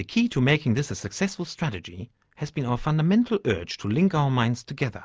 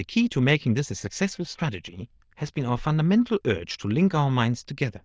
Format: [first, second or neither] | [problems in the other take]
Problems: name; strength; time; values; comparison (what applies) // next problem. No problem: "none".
first | noise reduction (neural diffusion model UNIVERSE++)